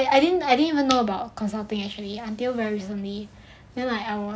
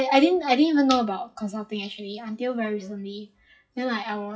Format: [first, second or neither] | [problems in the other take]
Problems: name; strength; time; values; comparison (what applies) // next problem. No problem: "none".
first | noise reduction (classical method WPE with log-MMSE)